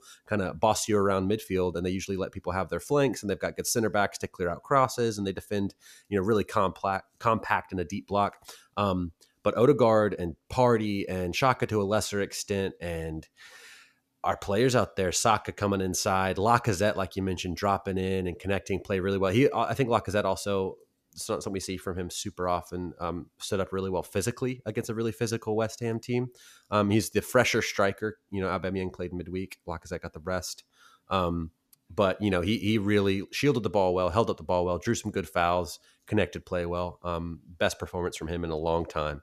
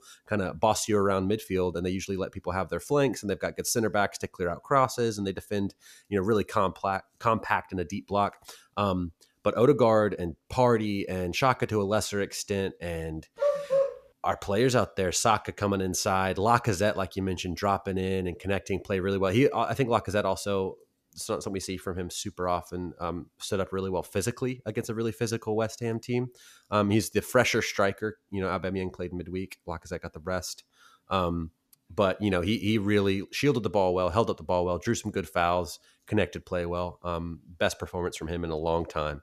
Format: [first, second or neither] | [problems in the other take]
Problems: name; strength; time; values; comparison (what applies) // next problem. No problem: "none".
first | dog barking; loud; at 13 s; peak 3 dB above the speech